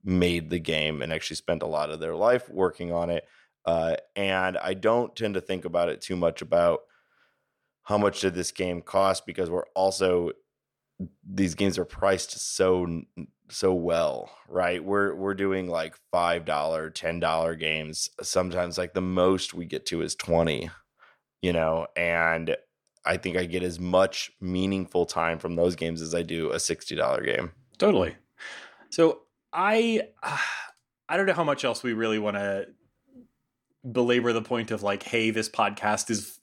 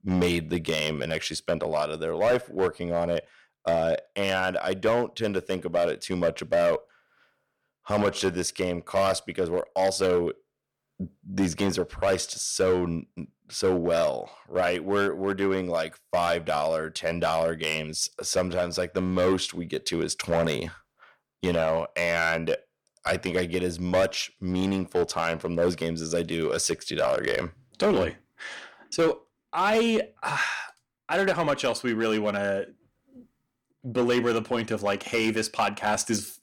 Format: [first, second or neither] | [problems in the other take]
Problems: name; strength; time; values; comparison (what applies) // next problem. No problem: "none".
first | distortion; slight; 5% of the sound clipped